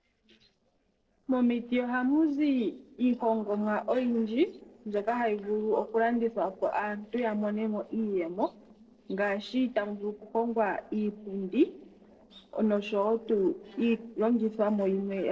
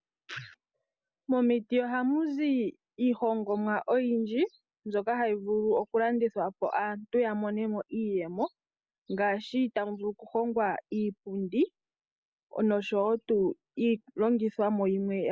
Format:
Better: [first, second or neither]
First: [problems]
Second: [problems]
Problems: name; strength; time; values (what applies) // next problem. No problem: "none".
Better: second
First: noise reduction (neural separator model SepFormer DNS4)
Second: none